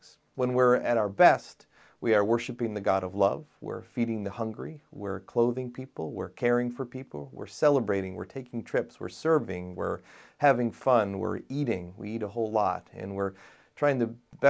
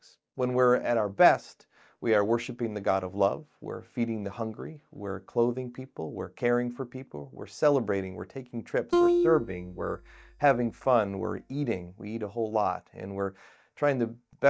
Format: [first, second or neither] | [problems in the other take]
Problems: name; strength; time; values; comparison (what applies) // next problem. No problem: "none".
first | noise reduction (neural mask model DeepFilterNet 3)